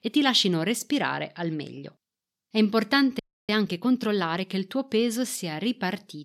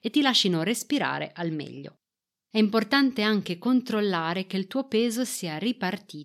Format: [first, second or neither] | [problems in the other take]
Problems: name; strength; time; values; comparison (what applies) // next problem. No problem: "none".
second | audio freezing; at 3 s